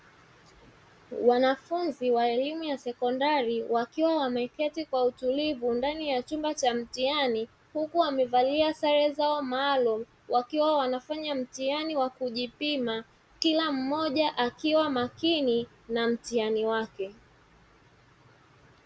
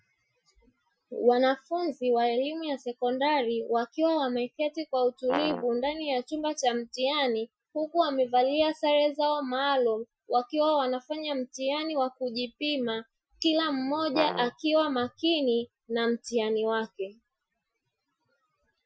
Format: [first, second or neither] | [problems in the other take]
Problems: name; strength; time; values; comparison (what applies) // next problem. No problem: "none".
first | noise reduction (classical method Wiener filter)